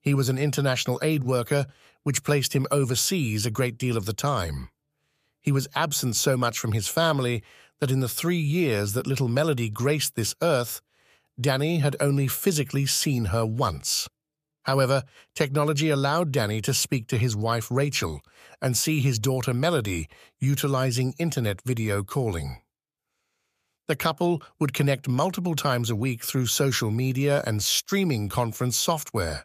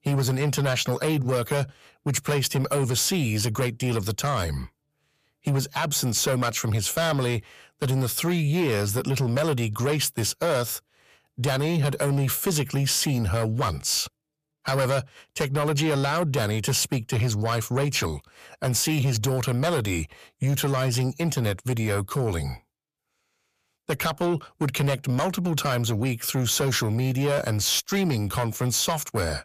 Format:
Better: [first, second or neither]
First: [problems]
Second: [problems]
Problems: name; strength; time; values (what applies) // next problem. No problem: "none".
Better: first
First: none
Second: distortion; slight; 10 dB below the speech